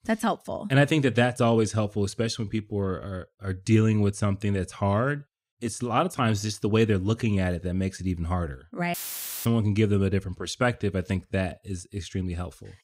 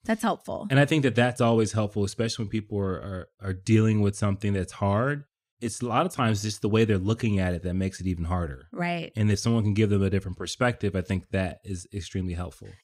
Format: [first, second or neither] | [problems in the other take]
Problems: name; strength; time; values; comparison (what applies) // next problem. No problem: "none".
second | audio cutting out; filled with static; at 9 s for 0.5 s